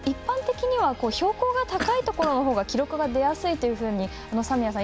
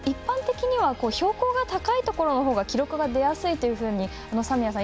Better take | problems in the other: second | background sound (Cough); 12 dB below the speech

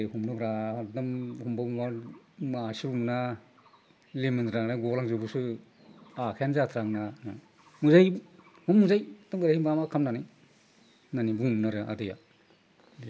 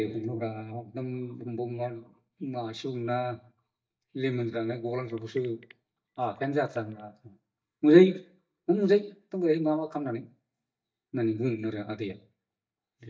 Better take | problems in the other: first | noise reduction (neural mask model DeepFilterNet 3)

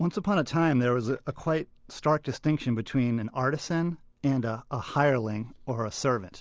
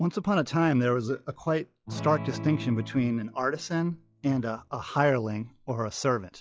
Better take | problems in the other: first | noise reduction (classical method log-MMSE)

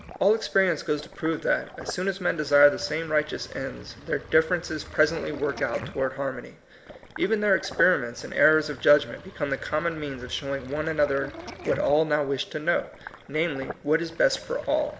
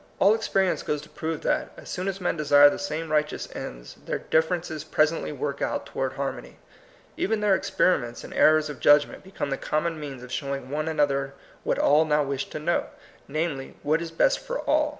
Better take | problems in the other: second | background sound (Sink (filling or washing)); 17 dB below the speech // room echo; dies away in 0.6 s

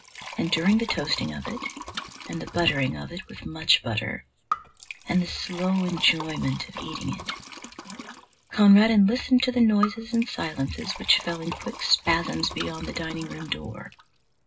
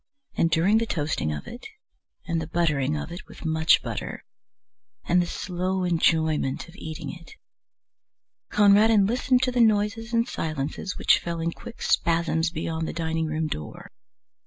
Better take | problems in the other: second | background sound (Liquid); 13 dB below the speech // room echo; dies away in 0.2 s

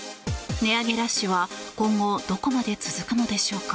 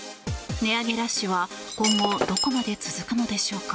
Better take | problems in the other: first | background sound (Shatter); 2 dB below the speech

